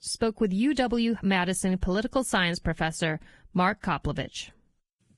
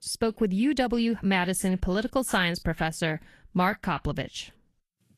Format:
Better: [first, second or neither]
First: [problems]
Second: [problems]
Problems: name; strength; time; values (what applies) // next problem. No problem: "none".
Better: second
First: garbled, watery; badly; nothing above 10.5 kHz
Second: garbled, watery; slightly